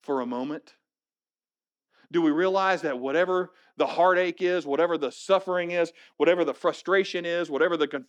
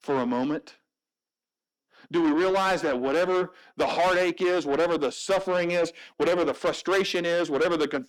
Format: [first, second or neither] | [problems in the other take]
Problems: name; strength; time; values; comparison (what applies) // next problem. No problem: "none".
first | distortion; heavy; 8 dB below the speech